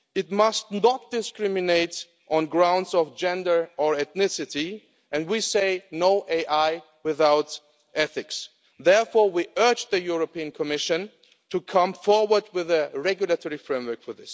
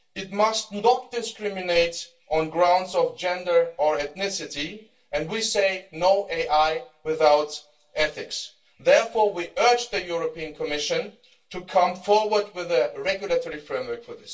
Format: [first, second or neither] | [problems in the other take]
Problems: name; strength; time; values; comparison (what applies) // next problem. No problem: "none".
first | room echo; dies away in 0.2 s